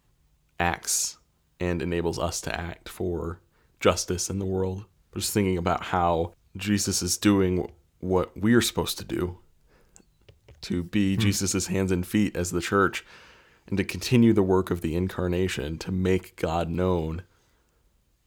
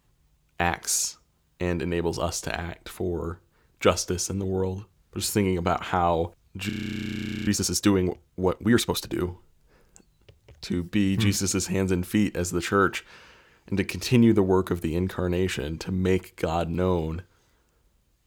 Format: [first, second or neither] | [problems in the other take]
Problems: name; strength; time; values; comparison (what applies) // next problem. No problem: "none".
first | audio freezing; at 6.5 s for 1 s